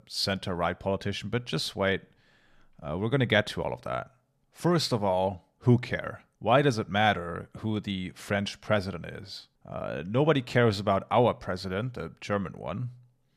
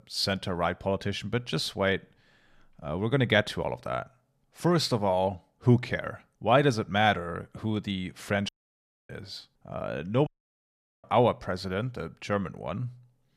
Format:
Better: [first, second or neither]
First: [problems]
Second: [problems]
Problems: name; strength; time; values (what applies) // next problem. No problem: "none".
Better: first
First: none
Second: audio cutting out; at 8.5 s for 0.5 s and at 10 s for 1 s